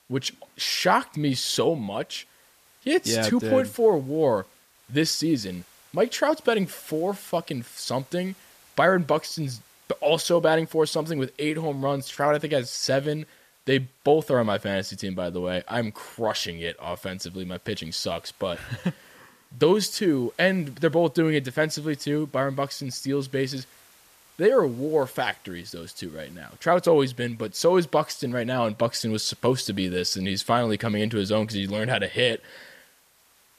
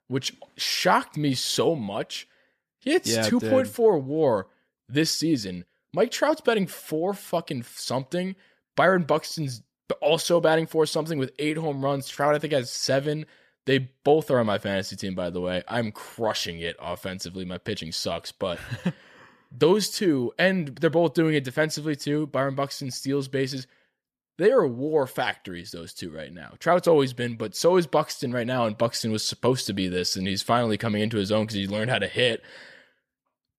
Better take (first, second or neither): second